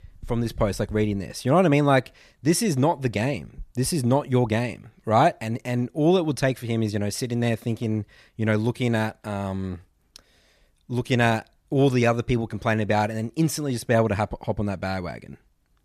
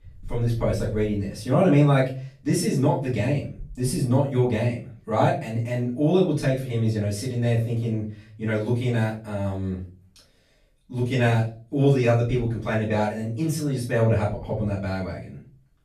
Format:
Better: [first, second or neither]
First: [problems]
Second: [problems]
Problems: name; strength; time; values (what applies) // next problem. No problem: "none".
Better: first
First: none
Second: room echo; slight; dies away in 0.4 s // off-mic speech; far